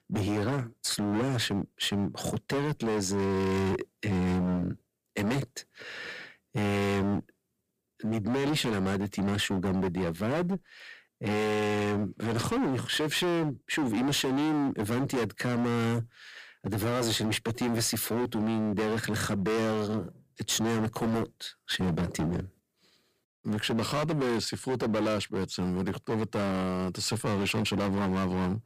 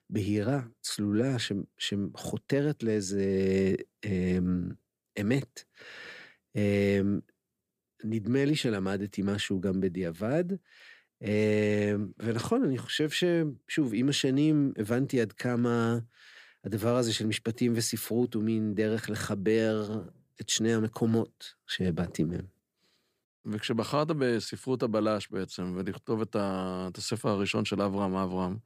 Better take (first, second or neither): second